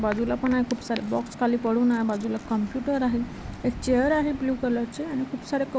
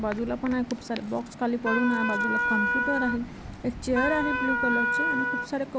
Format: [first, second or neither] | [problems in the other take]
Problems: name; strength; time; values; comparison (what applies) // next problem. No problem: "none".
first | background sound (Wind instrument, woodwind instrument); 1 dB above the speech